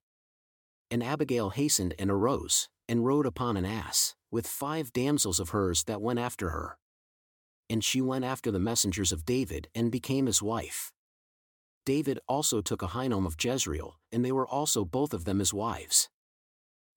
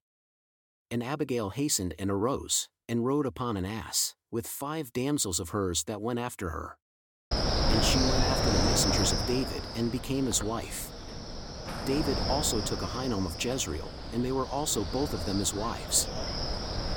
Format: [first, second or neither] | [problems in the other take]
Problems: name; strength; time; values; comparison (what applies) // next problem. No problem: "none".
first | wind noise on the microphone; heavy; from 7.5 s on; as loud as the speech